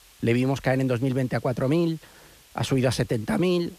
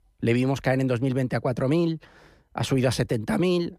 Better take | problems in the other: second | hiss; faint; throughout; 25 dB below the speech

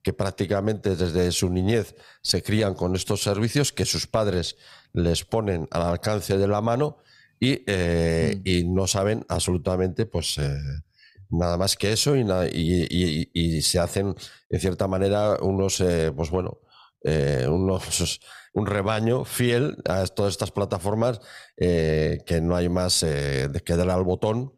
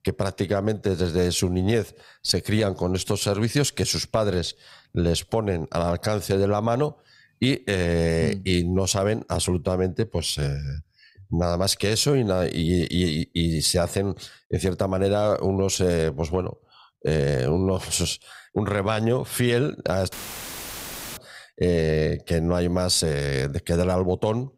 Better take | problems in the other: first | audio cutting out; filled with static; at 20 s for 1 s

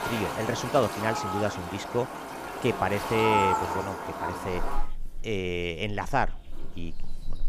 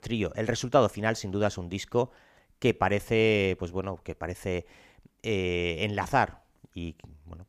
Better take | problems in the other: second | animal sounds; loud; throughout; 2 dB below the speech

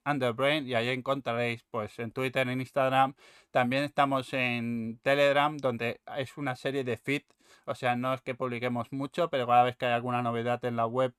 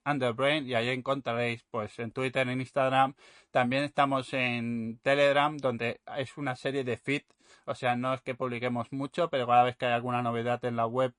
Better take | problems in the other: first | garbled, watery; slightly; nothing above 10.5 kHz

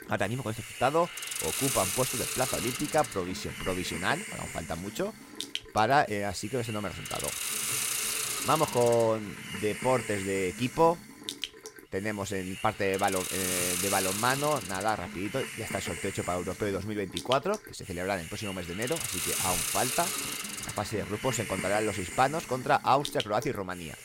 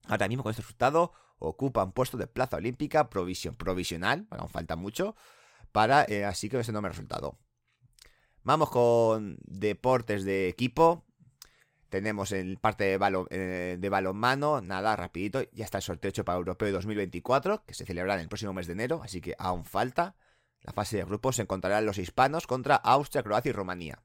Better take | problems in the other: second | hiss; loud; throughout; 3 dB below the speech

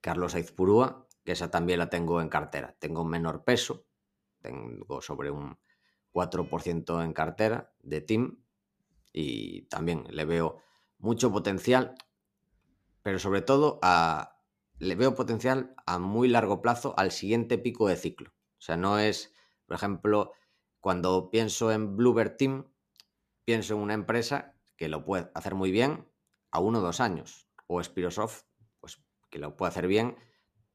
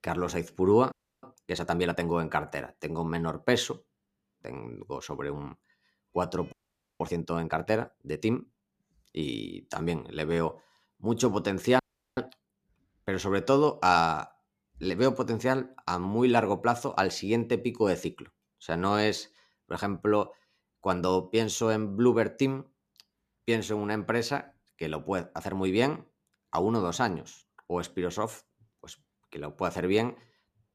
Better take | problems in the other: first | audio freezing; at 1 s, at 6.5 s and at 12 s

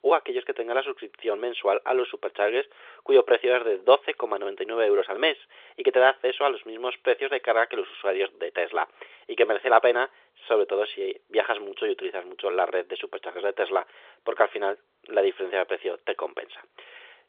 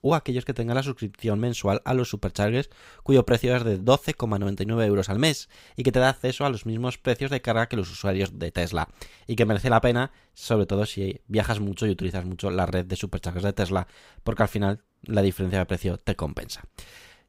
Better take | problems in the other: second | phone-call audio

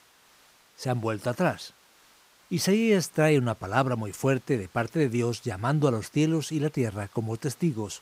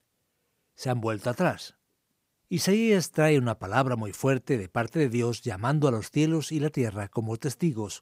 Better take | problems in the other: second | hiss; faint; throughout; 30 dB below the speech

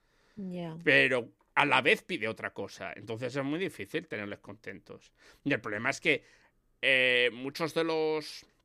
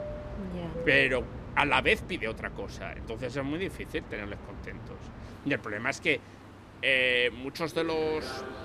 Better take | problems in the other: first | train or aircraft noise; noticeable; throughout; 15 dB below the speech

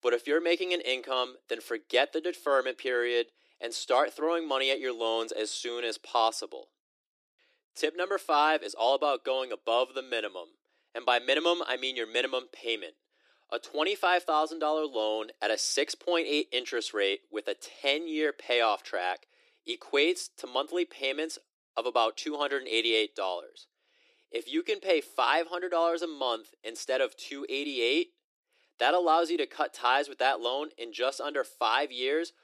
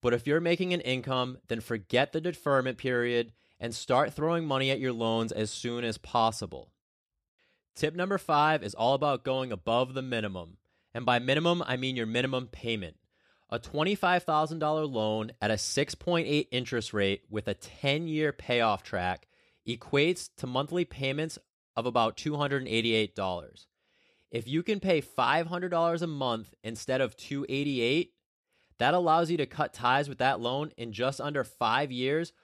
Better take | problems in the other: second | thin; somewhat; fading below 300 Hz

